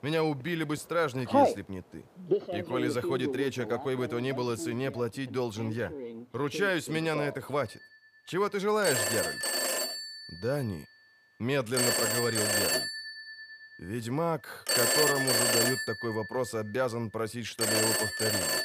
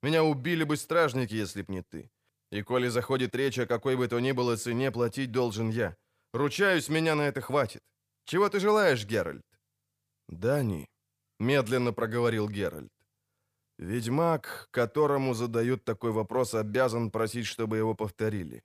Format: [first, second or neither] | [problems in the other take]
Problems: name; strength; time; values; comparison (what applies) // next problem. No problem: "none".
second | alarms or sirens; very loud; throughout; 4 dB above the speech